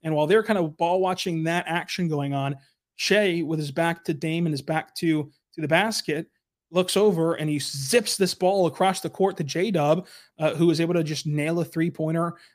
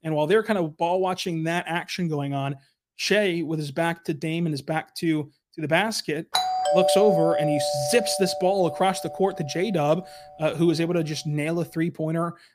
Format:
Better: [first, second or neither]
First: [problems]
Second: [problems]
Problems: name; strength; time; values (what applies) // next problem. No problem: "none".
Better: first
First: none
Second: doorbell; loud; from 6.5 to 9 s; peak 4 dB above the speech